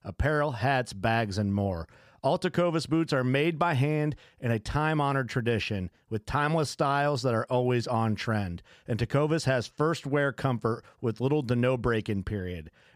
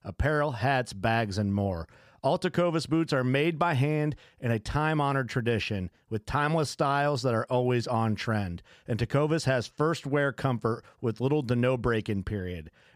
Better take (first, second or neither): neither